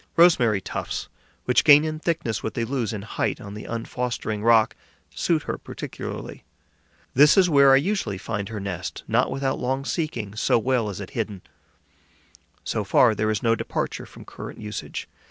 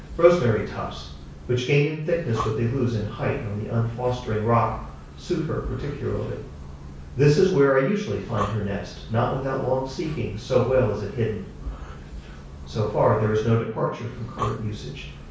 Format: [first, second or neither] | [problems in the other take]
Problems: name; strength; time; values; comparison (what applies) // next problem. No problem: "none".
first | background sound (Breathing); 13 dB below the speech // room echo; dies away in 0.6 s